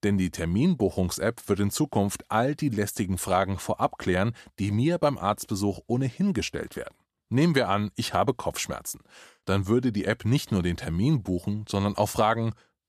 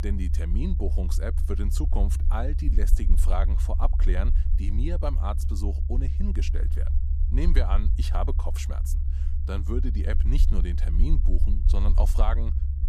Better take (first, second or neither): first